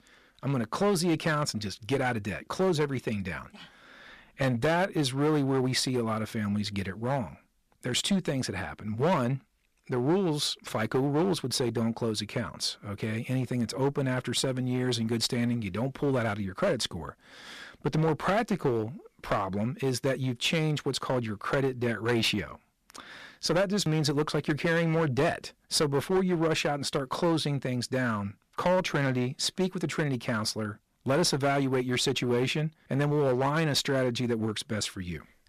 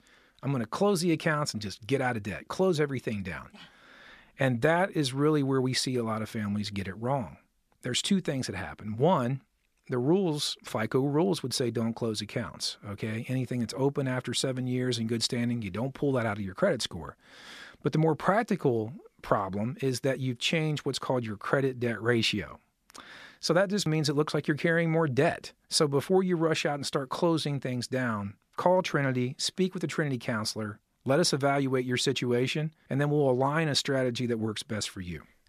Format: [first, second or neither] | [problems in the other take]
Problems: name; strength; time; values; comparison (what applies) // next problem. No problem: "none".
second | distortion; slight; 7% of the sound clipped